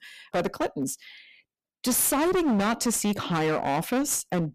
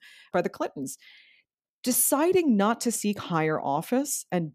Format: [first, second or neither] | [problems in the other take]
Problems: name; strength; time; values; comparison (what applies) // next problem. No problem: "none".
second | distortion; heavy; 20% of the sound clipped